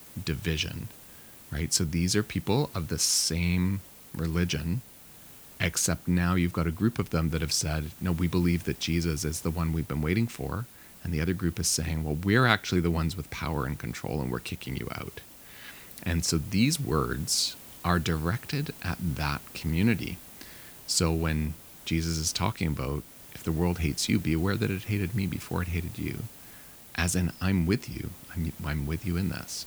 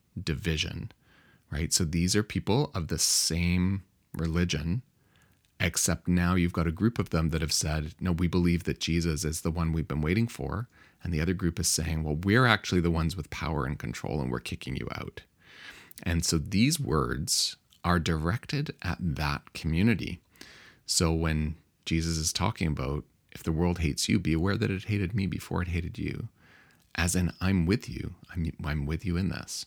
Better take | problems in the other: second | hiss; noticeable; throughout; 15 dB below the speech

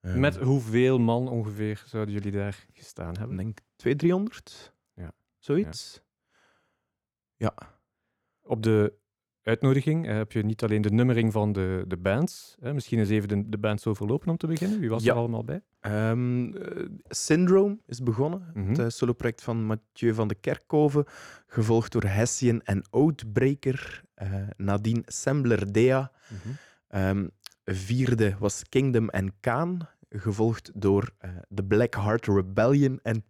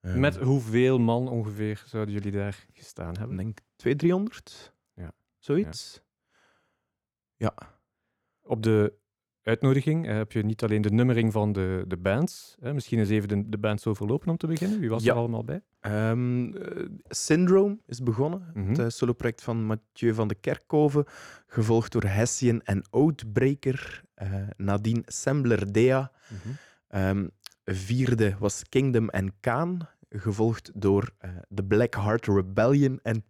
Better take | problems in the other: neither | none

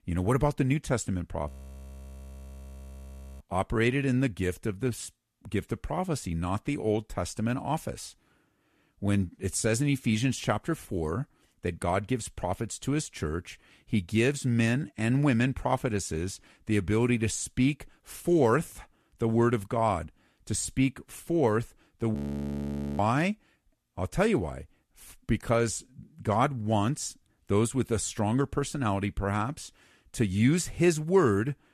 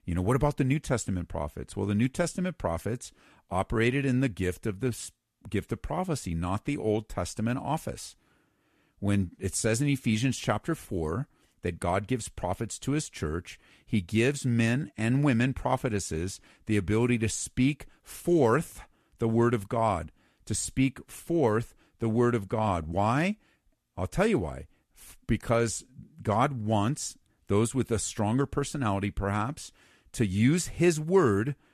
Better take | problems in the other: second | audio freezing; at 1.5 s for 2 s and at 22 s for 1 s

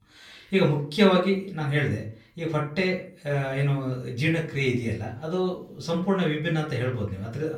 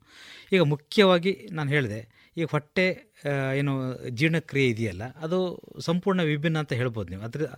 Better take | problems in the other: second | off-mic speech; far // room echo; slight; dies away in 0.4 s

